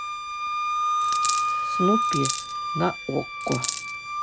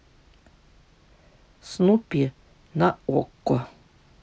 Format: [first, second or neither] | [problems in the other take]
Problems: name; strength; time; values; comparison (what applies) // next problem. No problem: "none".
second | background sound (Coin (dropping) + Wind instrument, woodwind instrument); 4 dB above the speech